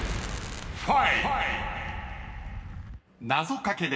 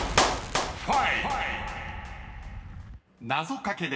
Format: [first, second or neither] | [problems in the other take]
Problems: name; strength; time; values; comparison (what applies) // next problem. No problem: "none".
first | background sound (Clapping); 2 dB below the speech